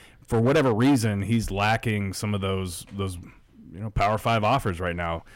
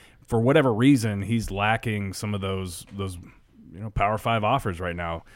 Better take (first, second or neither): second